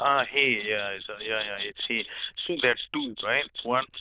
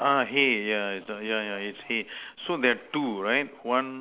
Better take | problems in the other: second | noise reduction (neural diffusion model UNIVERSE++)

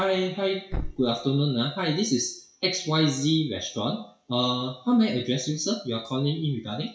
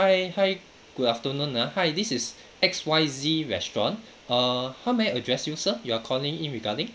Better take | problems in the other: second | noise reduction (classical method WPE with log-MMSE)

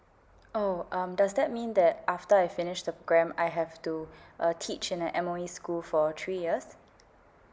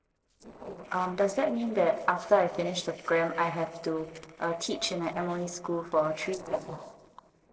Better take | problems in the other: first | noise reduction (neural separator model SepFormer DNS4)

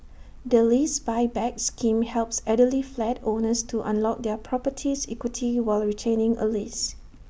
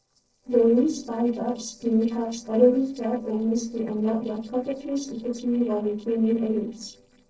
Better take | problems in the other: first | noise reduction (neural separator model SepFormer DNS4)

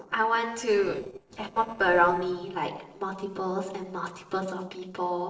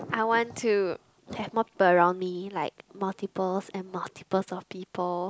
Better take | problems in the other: second | noise reduction (neural separator model SepFormer DNS4)

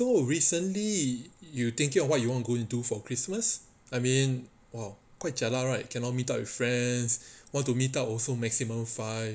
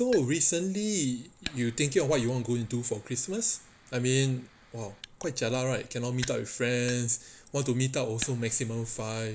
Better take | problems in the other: first | background sound (Fire); 19 dB below the speech

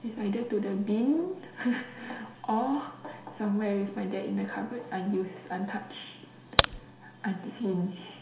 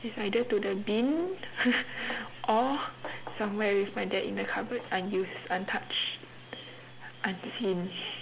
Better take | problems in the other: second | background sound (Crack); 5 dB above the speech // room echo; dies away in 0.7 s

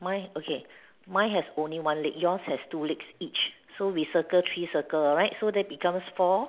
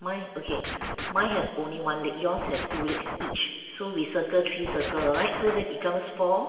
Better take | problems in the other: first | background sound (Scratching (performance technique)); 5 dB below the speech // room echo; dies away in 2.6 s

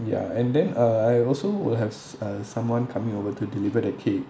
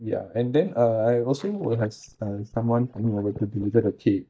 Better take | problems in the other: first | noise reduction (neural mask model DeepFilterNet 3)

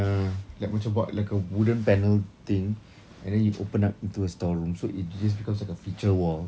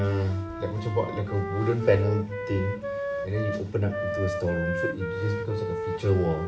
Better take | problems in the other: first | background sound (Wind instrument, woodwind instrument); 5 dB below the speech // room echo; dies away in 1.3 s

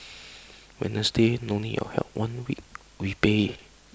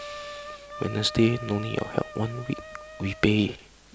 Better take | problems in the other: first | background sound (Wind instrument, woodwind instrument); 13 dB below the speech

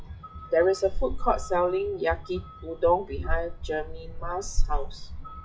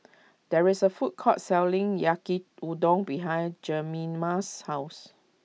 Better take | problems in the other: second | noise reduction (classical method WPE with log-MMSE)

